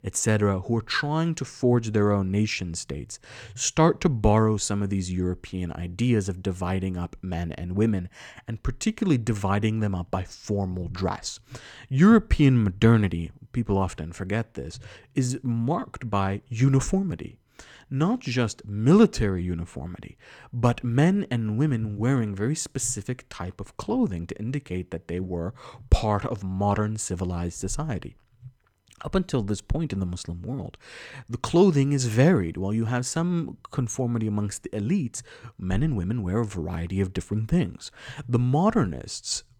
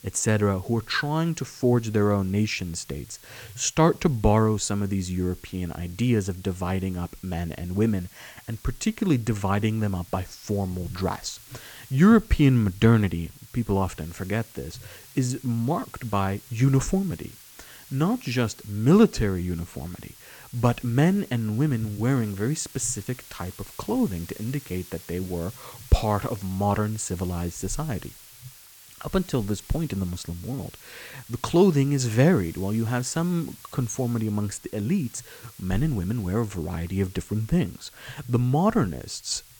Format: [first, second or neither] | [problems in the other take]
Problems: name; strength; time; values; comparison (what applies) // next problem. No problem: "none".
first | hiss; faint; throughout; 20 dB below the speech